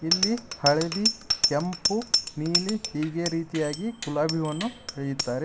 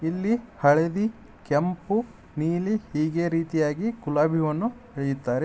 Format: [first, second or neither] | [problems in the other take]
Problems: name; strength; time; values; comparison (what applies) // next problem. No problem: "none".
second | background sound (Bicycle bell); 2 dB below the speech